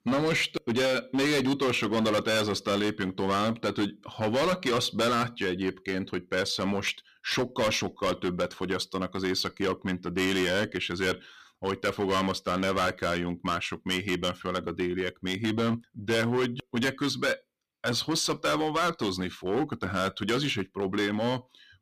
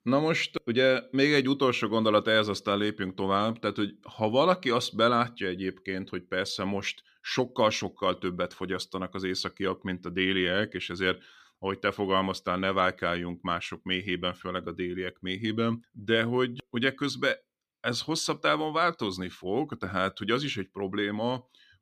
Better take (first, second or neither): second